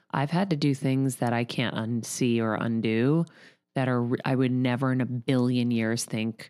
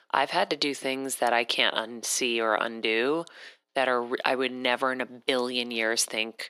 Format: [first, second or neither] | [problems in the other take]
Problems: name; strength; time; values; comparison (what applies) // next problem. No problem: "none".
first | thin; very; fading below 450 Hz